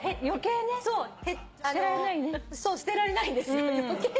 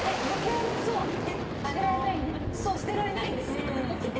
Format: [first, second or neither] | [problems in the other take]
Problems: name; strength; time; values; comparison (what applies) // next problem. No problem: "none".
first | background sound (Boom); as loud as the speech // room echo; dies away in 2.2 s